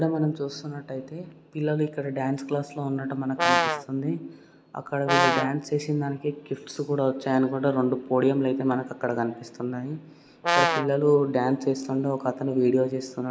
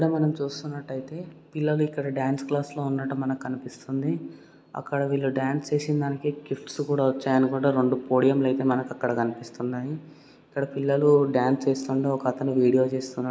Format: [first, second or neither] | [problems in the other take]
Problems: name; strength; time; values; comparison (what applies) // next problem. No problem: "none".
second | background sound (Brass instrument); 1 dB above the speech